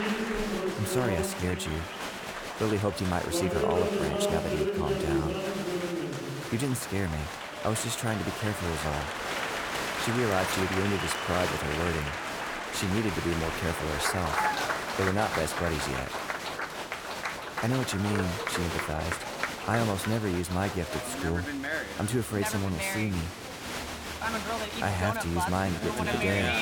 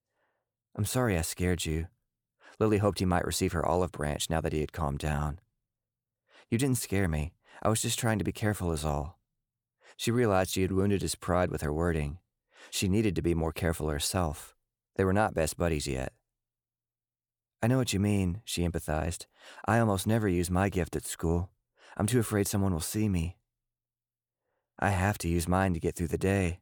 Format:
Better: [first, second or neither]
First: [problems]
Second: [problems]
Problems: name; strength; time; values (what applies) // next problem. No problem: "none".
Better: second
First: crowd noise; loud; throughout; 1 dB below the speech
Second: none